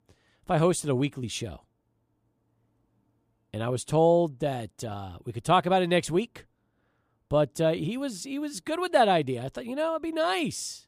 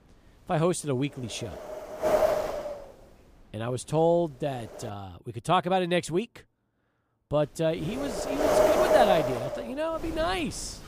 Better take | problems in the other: first | wind noise on the microphone; heavy; until 5 s and from 7.5 s on; 3 dB above the speech

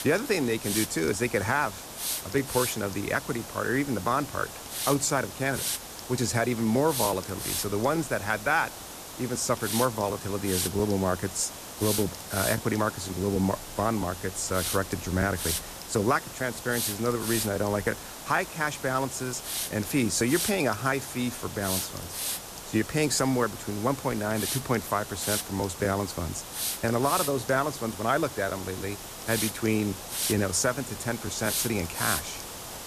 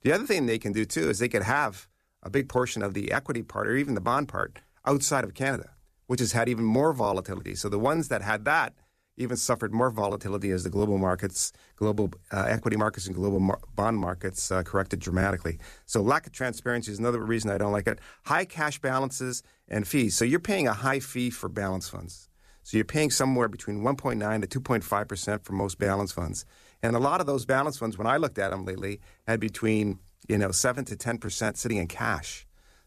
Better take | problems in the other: second | hiss; loud; throughout; 5 dB below the speech

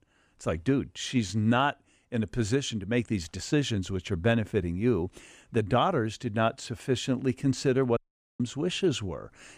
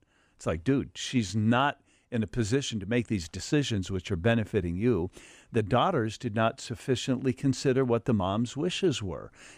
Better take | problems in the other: second | audio cutting out; at 8 s

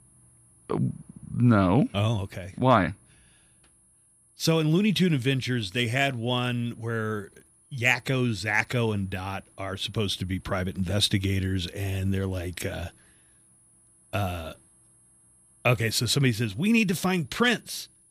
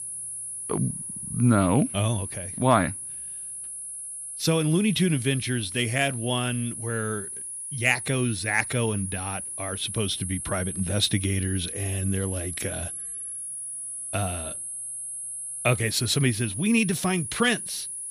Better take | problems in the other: first | high-pitched whine; loud; throughout; 10.5 kHz, 6 dB below the speech; faint in the first

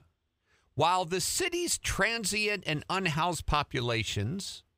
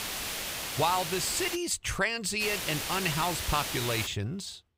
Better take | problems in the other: first | hiss; loud; until 1.5 s and from 2.5 to 4 s; 3 dB below the speech

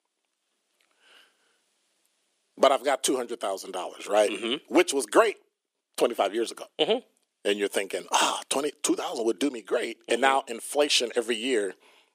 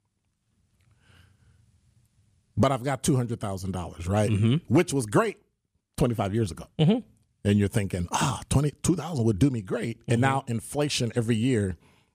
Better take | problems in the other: second | thin; very; fading below 350 Hz

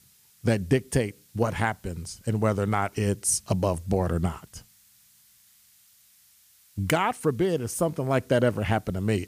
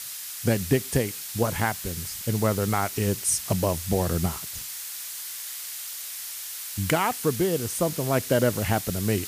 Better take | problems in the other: first | hiss; loud; throughout; 7 dB below the speech; faint in the first

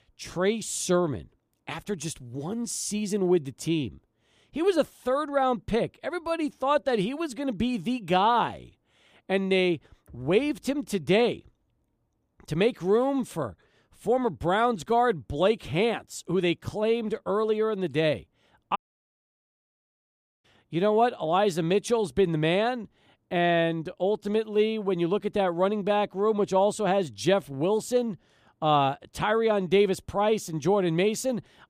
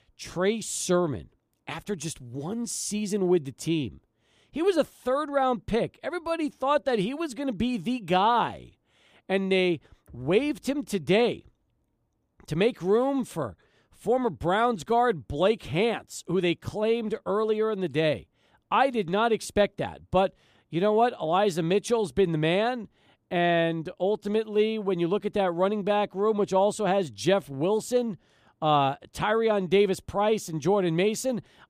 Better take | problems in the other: second | audio cutting out; at 19 s for 1.5 s

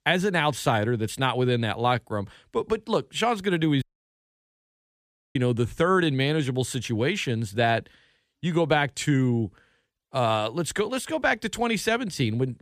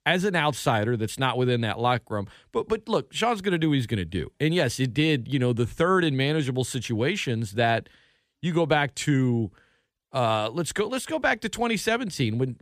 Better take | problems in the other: second | audio cutting out; at 4 s for 1.5 s

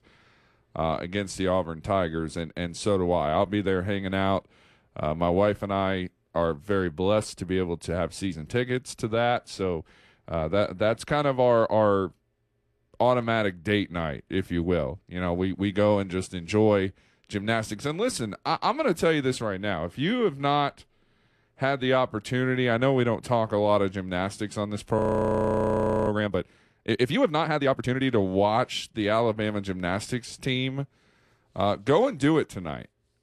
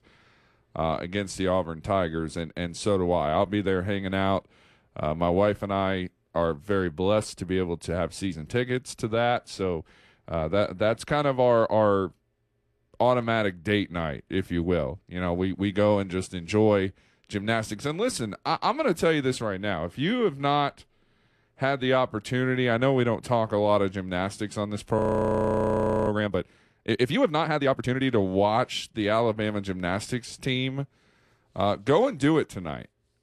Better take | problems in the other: neither | audio freezing; at 25 s for 1 s; the same in both

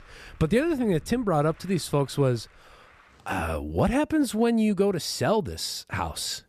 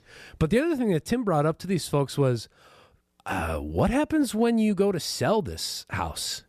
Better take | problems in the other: second | traffic noise; faint; until 3 s; 25 dB below the speech

